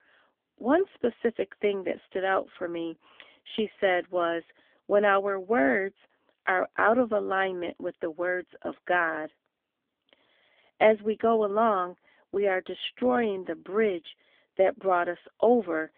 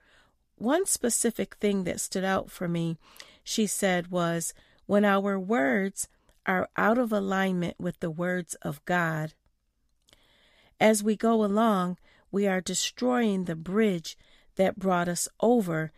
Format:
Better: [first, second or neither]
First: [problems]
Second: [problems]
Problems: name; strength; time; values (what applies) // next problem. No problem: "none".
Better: second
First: phone-call audio; nothing above 3.5 kHz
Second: none